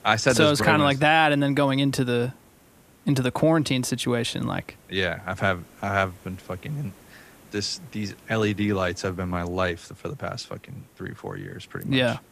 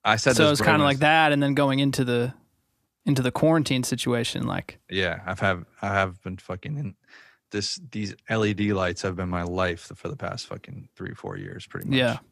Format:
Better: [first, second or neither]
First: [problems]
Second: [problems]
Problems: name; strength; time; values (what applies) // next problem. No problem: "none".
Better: second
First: hiss; faint; throughout; 30 dB below the speech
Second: none